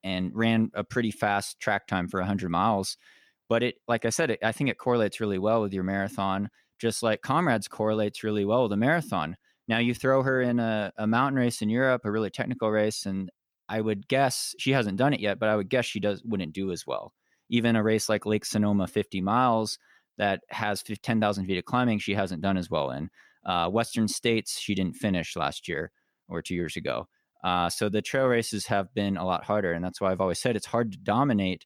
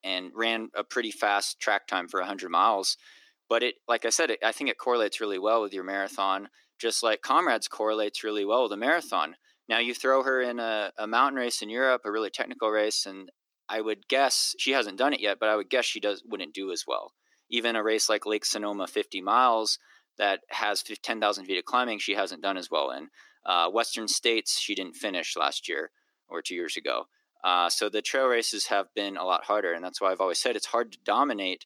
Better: first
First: none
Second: thin; somewhat; fading below 300 Hz

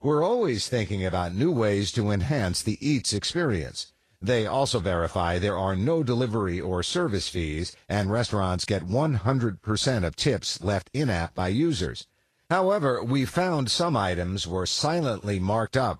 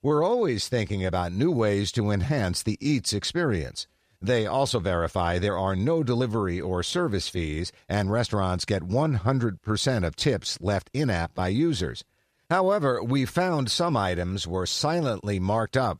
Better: second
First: garbled, watery; slightly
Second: none

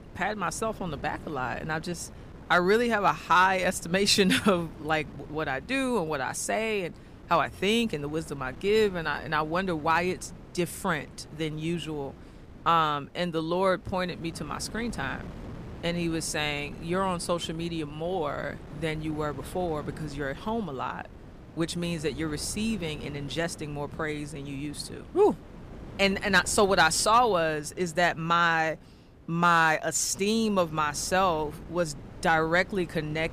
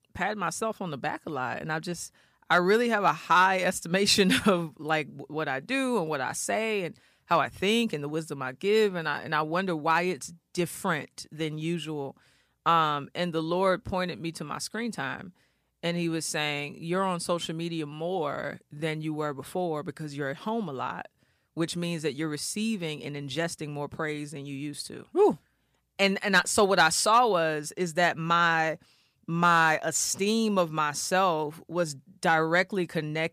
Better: second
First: wind noise on the microphone; occasional gusts; 25 dB below the speech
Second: none

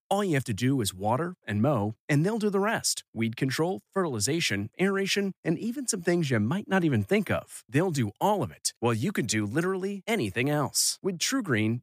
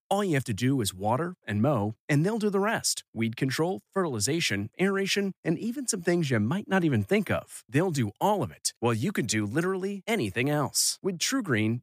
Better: neither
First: none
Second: none

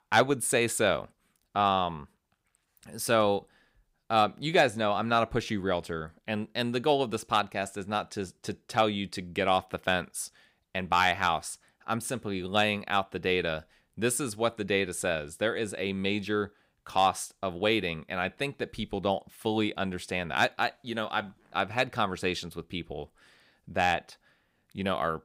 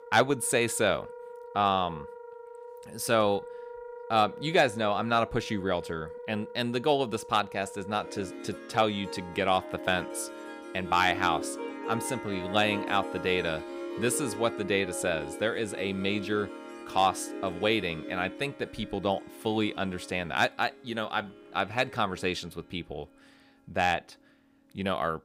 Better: first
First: none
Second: background music; noticeable; throughout; 10 dB below the speech

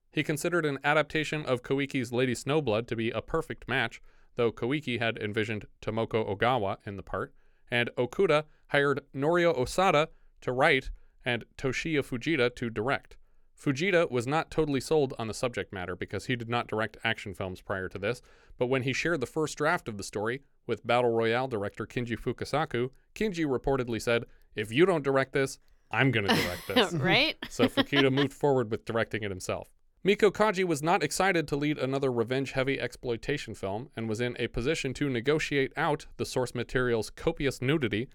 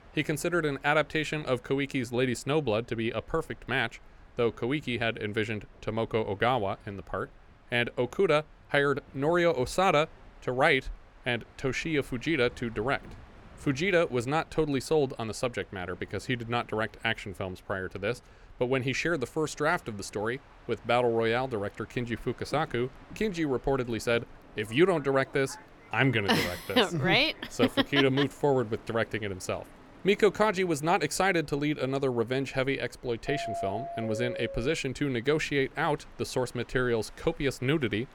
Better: first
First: none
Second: train or aircraft noise; faint; throughout; 20 dB below the speech

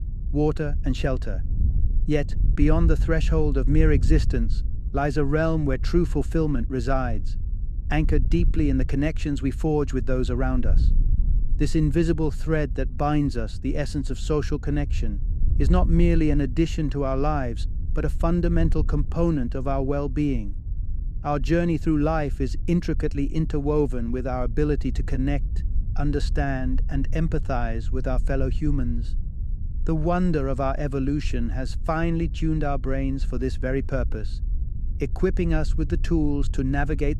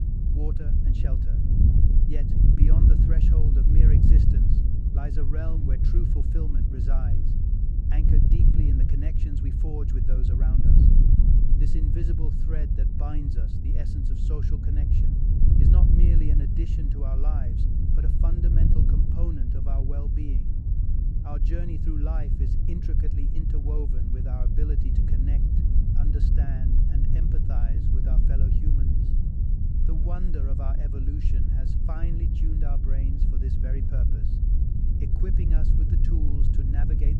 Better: first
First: wind noise on the microphone; occasional gusts; 20 dB below the speech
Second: wind noise on the microphone; heavy; 3 dB above the speech

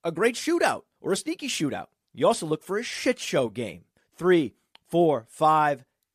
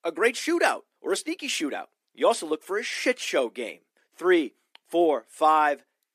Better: first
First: none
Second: thin; very slightly; fading below 250 Hz

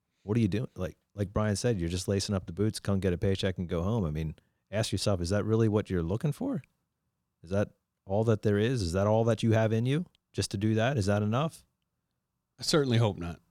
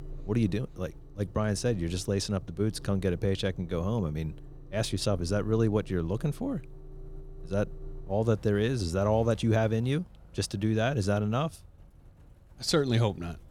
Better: first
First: none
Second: traffic noise; noticeable; throughout; 20 dB below the speech

